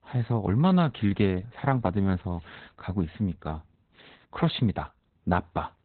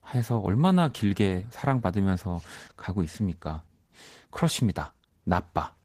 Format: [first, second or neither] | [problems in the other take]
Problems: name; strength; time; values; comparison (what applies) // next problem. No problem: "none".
second | garbled, watery; badly; nothing above 4 kHz; slightly in the second